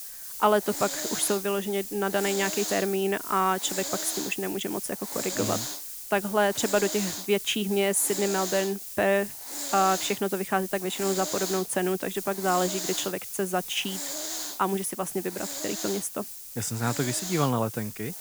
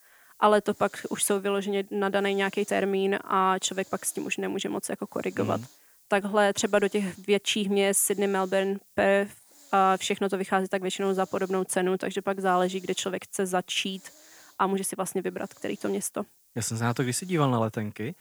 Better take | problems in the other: second | hiss; loud; throughout; 5 dB below the speech; faint in the second

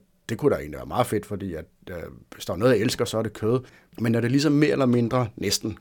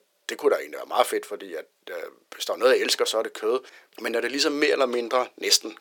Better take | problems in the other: first | thin; very; fading below 400 Hz

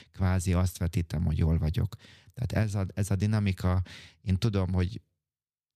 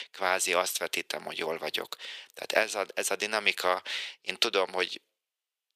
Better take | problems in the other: first | thin; very; fading below 450 Hz

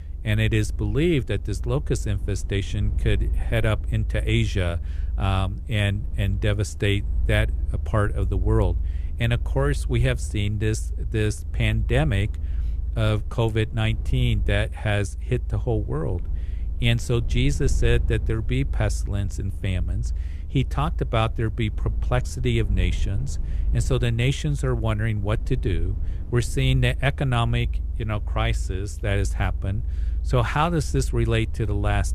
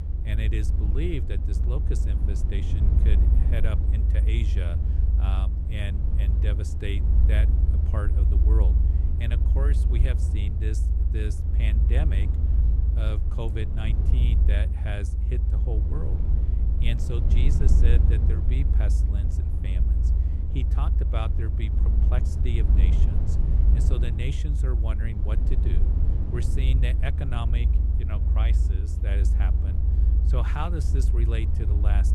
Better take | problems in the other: first | low rumble; loud; throughout; 3 dB below the speech; faint in the first

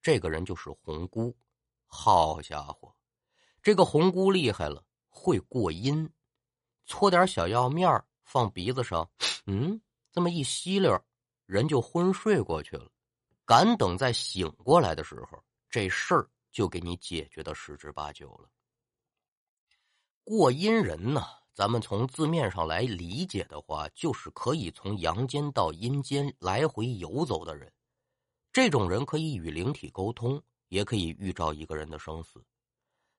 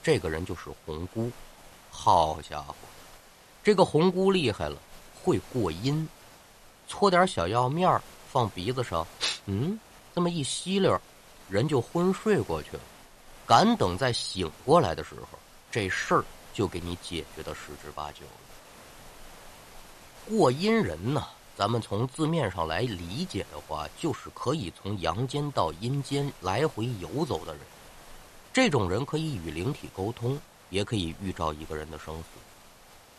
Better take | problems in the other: first | hiss; faint; throughout; 20 dB below the speech

